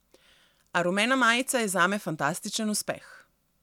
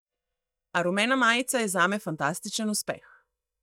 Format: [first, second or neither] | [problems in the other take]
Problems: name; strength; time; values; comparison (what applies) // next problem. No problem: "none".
first | noise reduction (neural mask model DeepFilterNet 3)